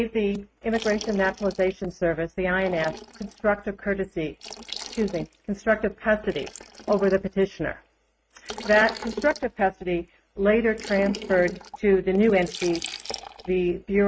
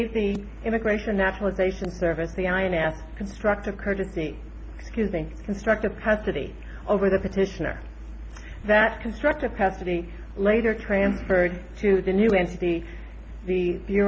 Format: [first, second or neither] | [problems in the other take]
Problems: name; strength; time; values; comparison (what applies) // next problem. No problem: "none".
second | noise reduction (neural mask model RNNoise)